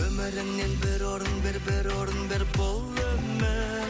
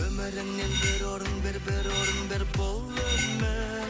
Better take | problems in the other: first | background sound (Cutlery, silverware); 5 dB below the speech

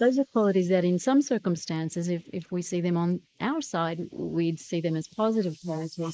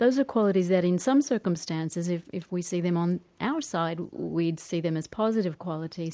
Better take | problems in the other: second | noise reduction (neural mask model Resemble Enhance denoiser)

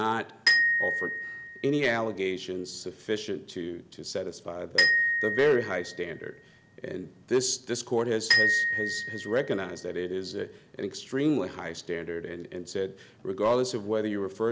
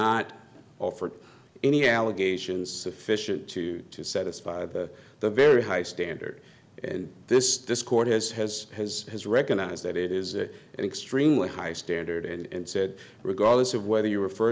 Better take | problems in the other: second | background sound (Glockenspiel); as loud as the speech

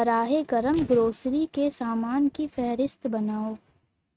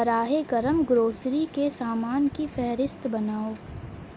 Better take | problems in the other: second | noise reduction (neural mask model RNNoise)

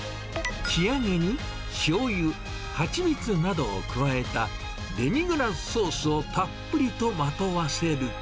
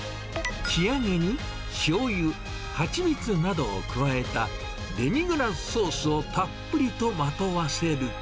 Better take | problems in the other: first | background sound (Animal); 20 dB below the speech

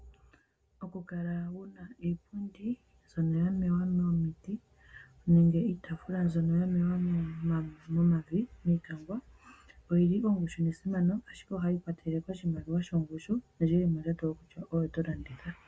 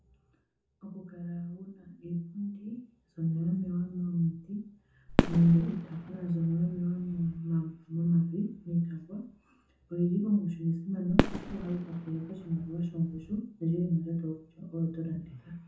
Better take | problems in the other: first | background sound (Fireworks); 2 dB below the speech // room echo; dies away in 0.5 s

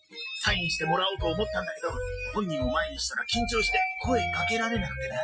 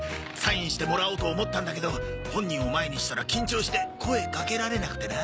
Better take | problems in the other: second | noise reduction (classical method Wiener filter)

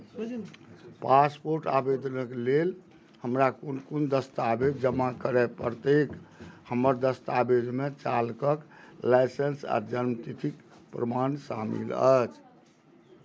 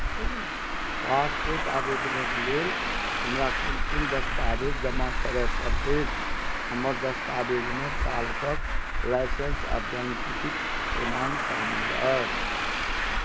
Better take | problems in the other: first | background sound (Traffic noise, roadway noise); 4 dB above the speech

